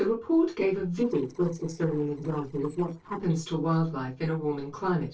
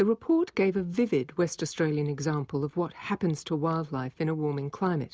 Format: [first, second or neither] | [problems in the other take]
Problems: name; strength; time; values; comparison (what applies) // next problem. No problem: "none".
second | noise reduction (neural separator model SepFormer DNS4)